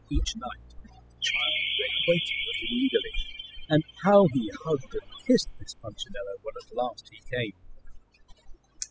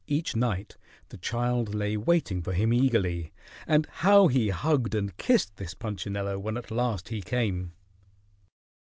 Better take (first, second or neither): second